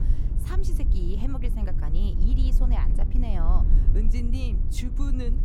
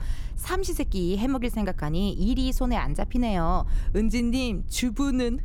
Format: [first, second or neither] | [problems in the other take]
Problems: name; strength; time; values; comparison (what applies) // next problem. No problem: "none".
second | low rumble; loud; throughout; 5 dB below the speech; faint in the second